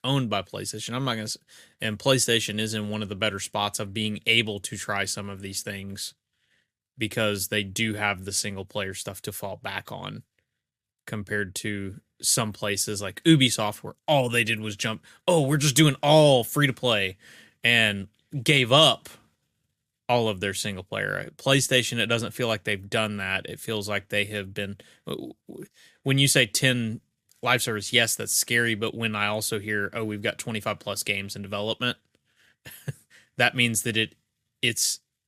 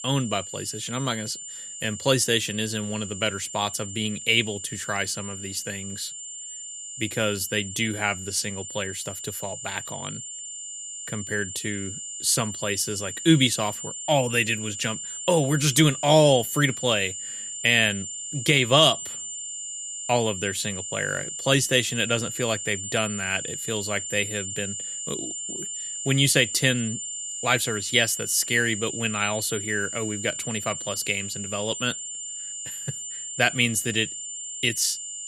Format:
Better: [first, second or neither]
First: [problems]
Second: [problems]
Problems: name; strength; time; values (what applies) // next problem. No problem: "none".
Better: first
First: none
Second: high-pitched whine; loud; throughout; 7 kHz, 8 dB below the speech